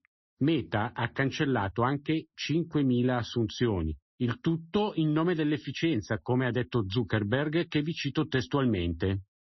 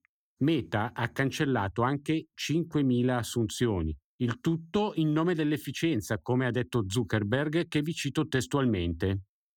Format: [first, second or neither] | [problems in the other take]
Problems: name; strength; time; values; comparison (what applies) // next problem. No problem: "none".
second | garbled, watery; slightly; nothing above 6 kHz